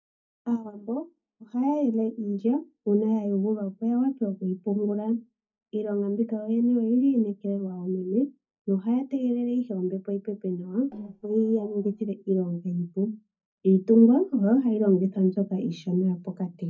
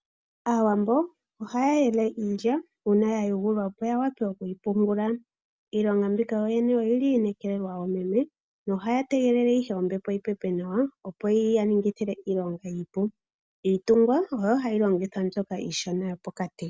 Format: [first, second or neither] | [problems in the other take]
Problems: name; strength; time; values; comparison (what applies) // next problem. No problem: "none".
second | noise reduction (neural mask model DeepFilterNet 3)